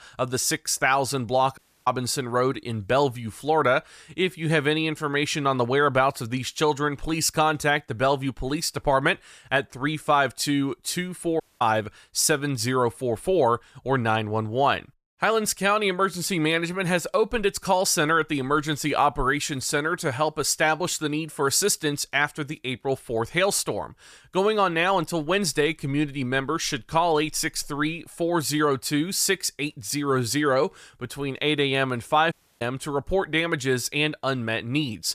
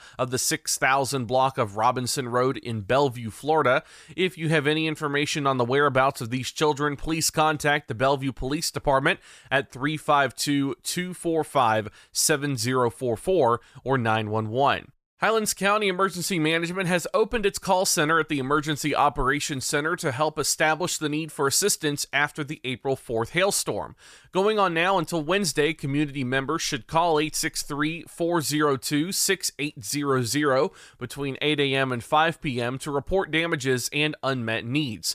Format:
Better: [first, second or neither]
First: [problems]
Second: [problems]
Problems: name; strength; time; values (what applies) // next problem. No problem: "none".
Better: second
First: audio cutting out; at 1.5 s, at 11 s and at 32 s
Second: none